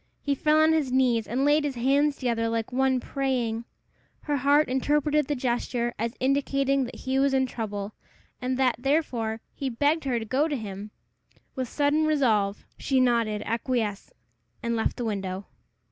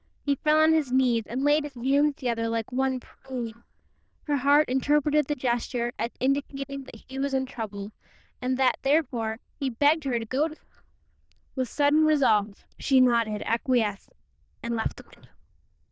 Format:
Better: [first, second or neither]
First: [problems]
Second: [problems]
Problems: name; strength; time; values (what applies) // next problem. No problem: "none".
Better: first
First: none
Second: noise reduction (neural diffusion model UNIVERSE++)